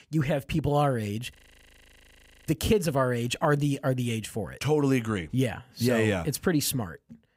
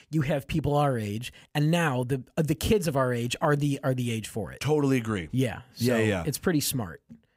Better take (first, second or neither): second